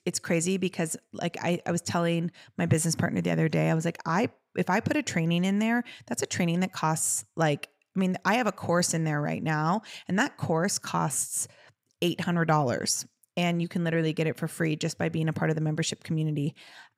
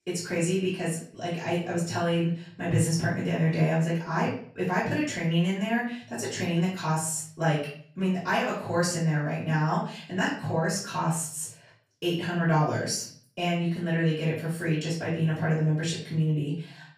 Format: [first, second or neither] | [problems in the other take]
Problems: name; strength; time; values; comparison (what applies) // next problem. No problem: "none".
first | room echo; noticeable; dies away in 0.4 s // off-mic speech; far